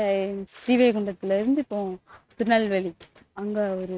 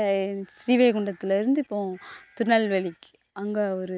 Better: second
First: noise reduction (neural mask model RNNoise)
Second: none

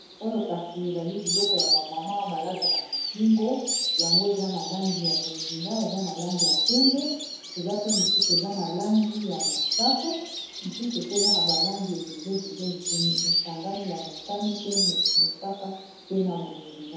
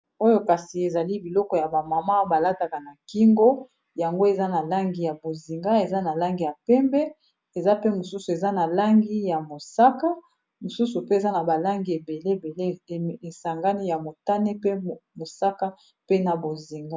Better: second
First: background sound (Insect); 1 dB above the speech // room echo; dies away in 0.8 s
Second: none

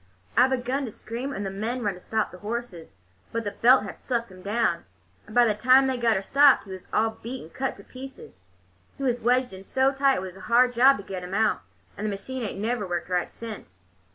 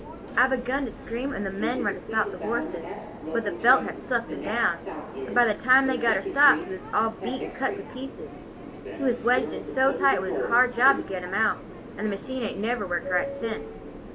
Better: first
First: none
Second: background sound (Subway, metro, underground); 7 dB below the speech

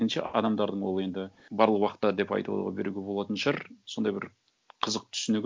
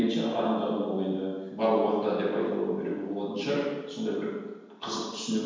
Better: first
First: none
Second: room echo; dies away in 1.2 s

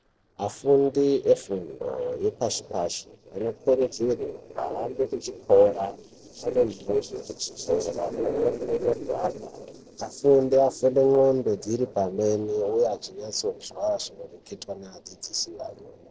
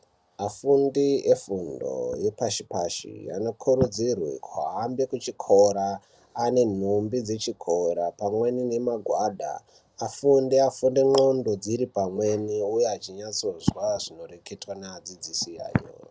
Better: second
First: noise reduction (neural separator model SepFormer DNS4)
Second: none

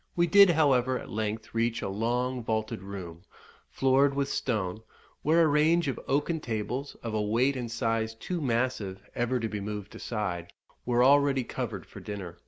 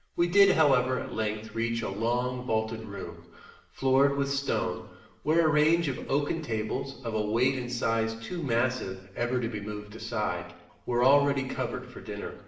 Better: first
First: none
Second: room echo; dies away in 0.8 s

